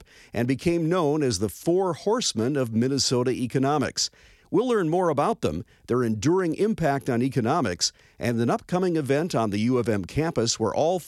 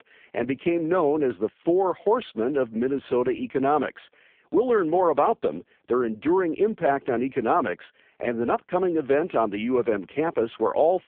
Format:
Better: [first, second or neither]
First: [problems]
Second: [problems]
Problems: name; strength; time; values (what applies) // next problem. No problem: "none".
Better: first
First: none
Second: phone-call audio; poor line